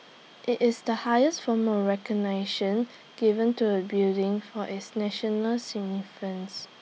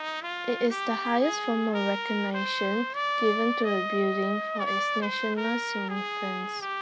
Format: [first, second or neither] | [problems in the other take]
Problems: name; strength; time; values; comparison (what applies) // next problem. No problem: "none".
first | background sound (Trumpet); 2 dB below the speech